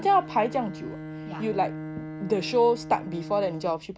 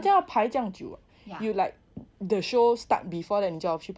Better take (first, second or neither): second